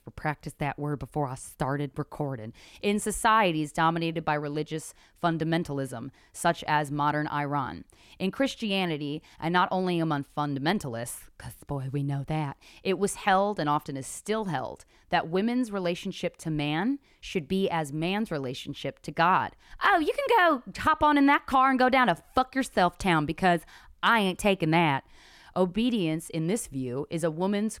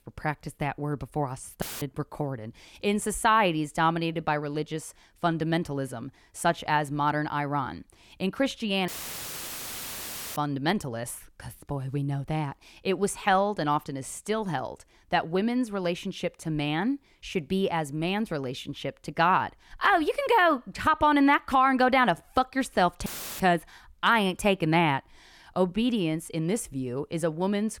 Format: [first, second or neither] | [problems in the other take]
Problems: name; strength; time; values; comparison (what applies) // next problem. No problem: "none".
first | audio cutting out; filled with static; at 1.5 s, at 9 s for 1.5 s and at 23 s